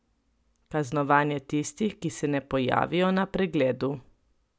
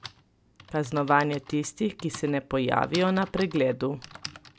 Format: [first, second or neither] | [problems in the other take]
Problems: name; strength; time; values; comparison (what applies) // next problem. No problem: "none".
first | background sound (Typing); 17 dB below the speech